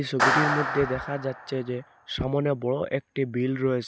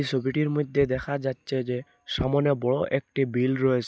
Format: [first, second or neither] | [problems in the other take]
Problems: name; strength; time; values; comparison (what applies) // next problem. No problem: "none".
second | background sound (Clapping); 3 dB below the speech